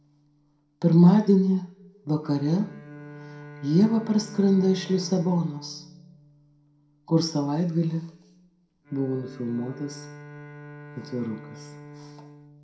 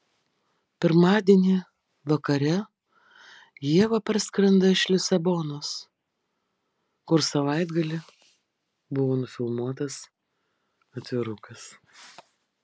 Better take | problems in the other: second | background sound (Bowed string instrument); 20 dB below the speech // room echo; dies away in 0.4 s

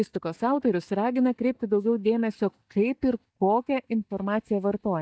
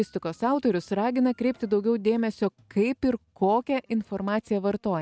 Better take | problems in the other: second | noise reduction (neural mask model DeepFilterNet 3)

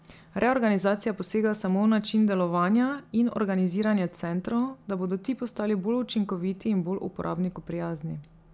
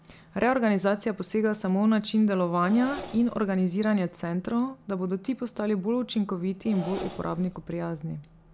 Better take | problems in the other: first | background sound (Engine); 20 dB below the speech

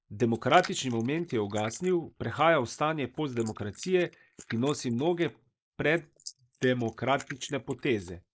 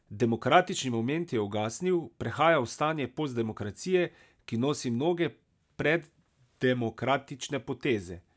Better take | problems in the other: second | noise reduction (neural mask model Resemble Enhance denoiser)

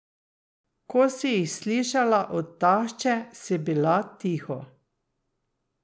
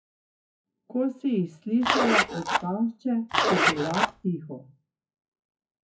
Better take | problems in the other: first | noise reduction (classical method WPE with log-MMSE)

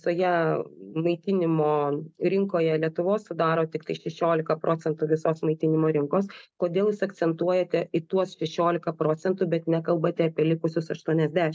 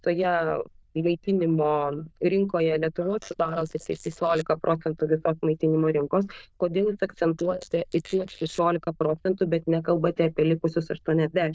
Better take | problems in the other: first | noise reduction (neural diffusion model UNIVERSE++)

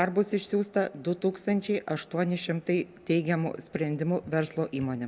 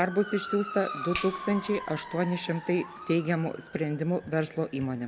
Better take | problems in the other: first | background sound (Motor vehicle (road) / Siren + Finger snapping); 11 dB below the speech

